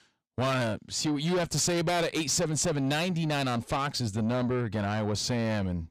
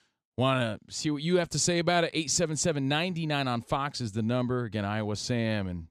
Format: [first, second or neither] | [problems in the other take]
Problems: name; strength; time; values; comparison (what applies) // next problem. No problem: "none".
second | distortion; heavy; 7 dB below the speech